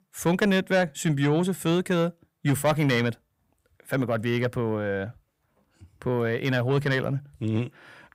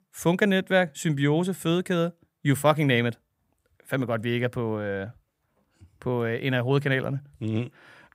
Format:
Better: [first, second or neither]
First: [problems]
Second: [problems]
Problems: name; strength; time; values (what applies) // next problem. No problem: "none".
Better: second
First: distortion; slight; 10 dB below the speech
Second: none